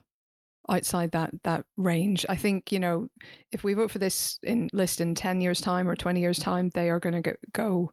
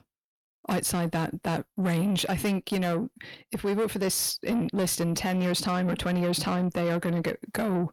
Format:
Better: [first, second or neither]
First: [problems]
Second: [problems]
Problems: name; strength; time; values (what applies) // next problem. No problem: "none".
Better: first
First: none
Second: distortion; slight; 10 dB below the speech